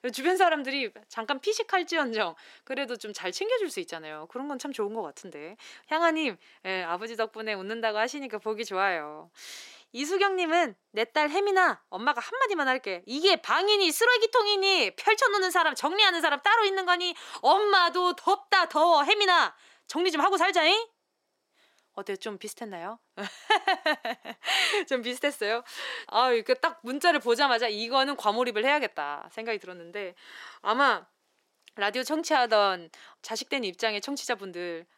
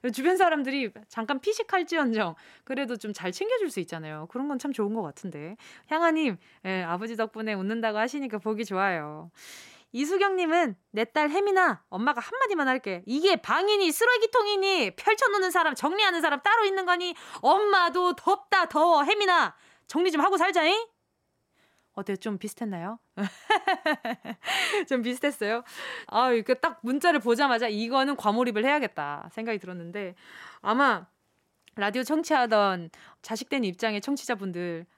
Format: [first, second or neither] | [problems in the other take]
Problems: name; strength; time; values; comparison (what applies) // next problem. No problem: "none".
second | thin; very slightly; fading below 400 Hz